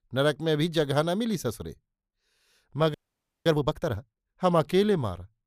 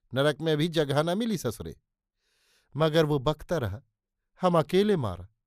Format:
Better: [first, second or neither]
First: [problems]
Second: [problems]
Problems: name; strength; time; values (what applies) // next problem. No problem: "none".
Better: second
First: audio freezing; at 3 s for 0.5 s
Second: none